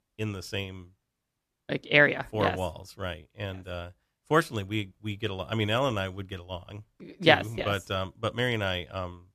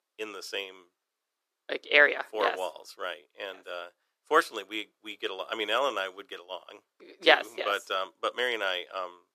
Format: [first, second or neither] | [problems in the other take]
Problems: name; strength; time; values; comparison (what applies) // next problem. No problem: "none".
first | thin; very; fading below 400 Hz